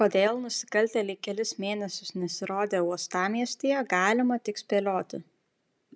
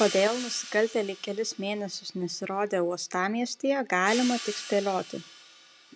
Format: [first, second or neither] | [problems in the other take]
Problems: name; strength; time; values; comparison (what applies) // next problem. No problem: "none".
first | background sound (Hi-hat); 13 dB below the speech